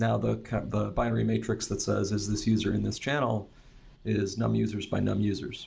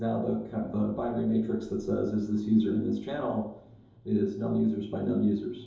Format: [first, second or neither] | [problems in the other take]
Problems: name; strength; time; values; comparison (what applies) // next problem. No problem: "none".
first | room echo; dies away in 2.8 s